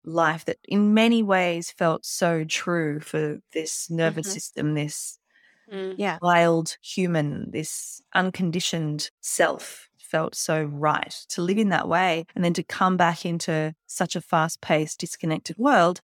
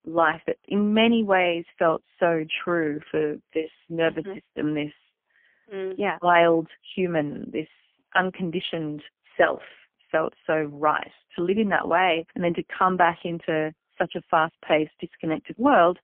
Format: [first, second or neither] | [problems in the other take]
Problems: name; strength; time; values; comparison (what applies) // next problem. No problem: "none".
first | phone-call audio; poor line; nothing above 3 kHz